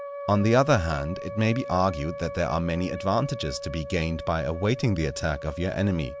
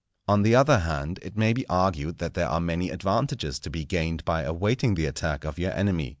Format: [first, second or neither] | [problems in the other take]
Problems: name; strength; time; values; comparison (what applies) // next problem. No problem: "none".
second | background sound (Wind instrument, woodwind instrument); 11 dB below the speech